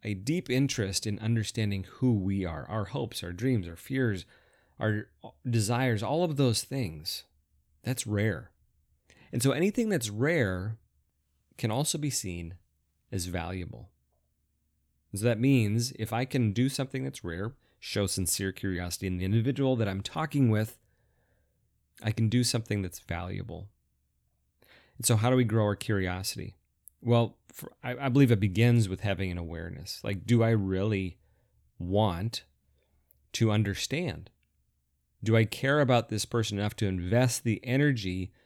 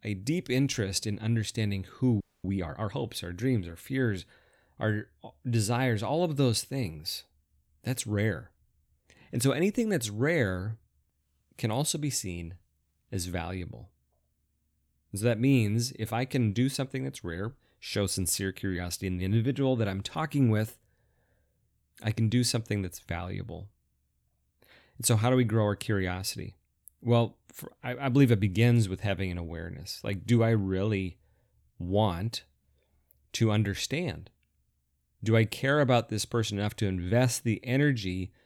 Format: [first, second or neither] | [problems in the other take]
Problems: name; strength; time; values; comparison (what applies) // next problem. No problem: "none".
first | audio freezing; at 2 s